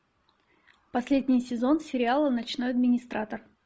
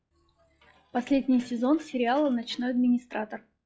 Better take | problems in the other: first | noise reduction (classical method log-MMSE)

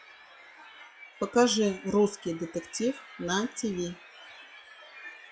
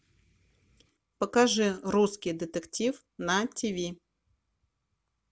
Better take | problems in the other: second | noise reduction (classical method log-MMSE)

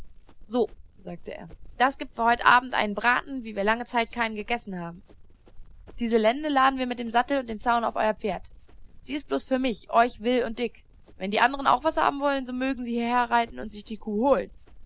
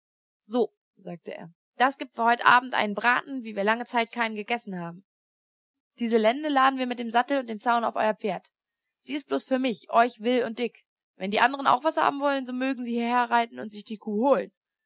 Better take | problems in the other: second | background sound (Run); 18 dB below the speech

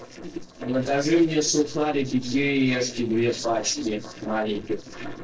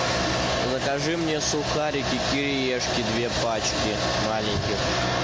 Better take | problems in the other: second | noise reduction (neural separator model SepFormer DNS4)

